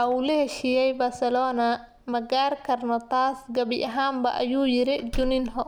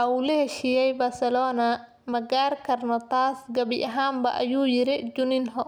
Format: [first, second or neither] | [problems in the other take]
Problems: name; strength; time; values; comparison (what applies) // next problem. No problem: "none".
second | background sound (Slam); 16 dB below the speech